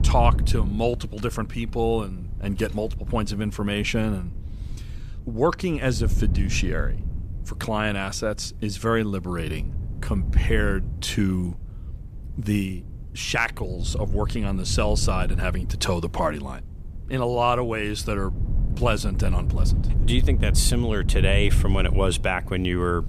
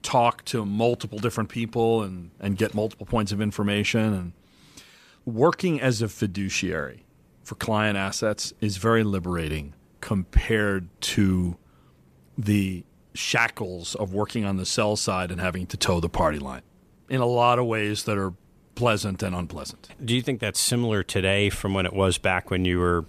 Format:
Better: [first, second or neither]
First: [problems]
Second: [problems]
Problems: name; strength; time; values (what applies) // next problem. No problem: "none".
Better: second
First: wind noise on the microphone; occasional gusts; 15 dB below the speech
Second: none